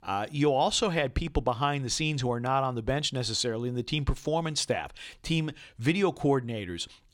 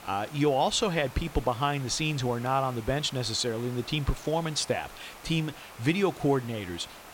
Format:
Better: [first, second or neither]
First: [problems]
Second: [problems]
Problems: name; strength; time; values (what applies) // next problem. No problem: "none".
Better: first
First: none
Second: hiss; noticeable; throughout; 15 dB below the speech